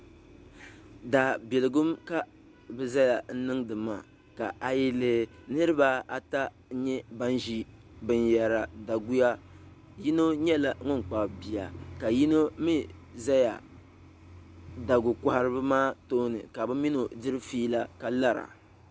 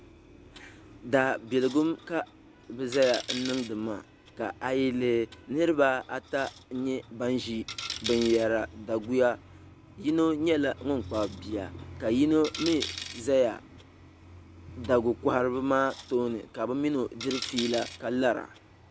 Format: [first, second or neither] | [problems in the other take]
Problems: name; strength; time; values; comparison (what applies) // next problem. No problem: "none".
first | background sound (Coin (dropping)); 15 dB below the speech